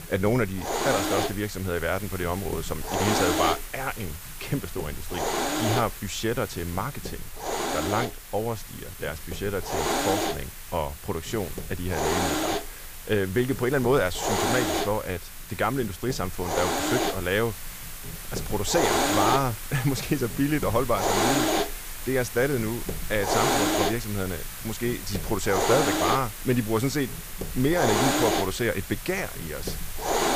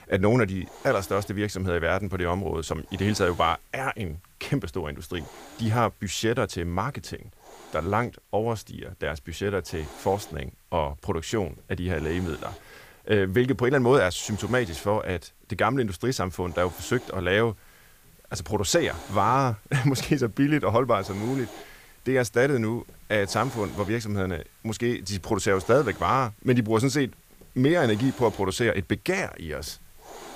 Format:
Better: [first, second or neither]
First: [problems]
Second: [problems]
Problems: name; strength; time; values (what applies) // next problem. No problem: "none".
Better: second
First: hiss; loud; throughout; 1 dB below the speech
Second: hiss; faint; throughout; 20 dB below the speech